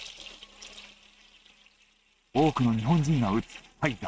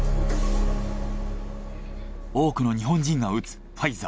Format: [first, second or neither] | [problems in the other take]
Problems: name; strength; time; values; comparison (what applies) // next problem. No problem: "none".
second | noise reduction (neural mask model RNNoise)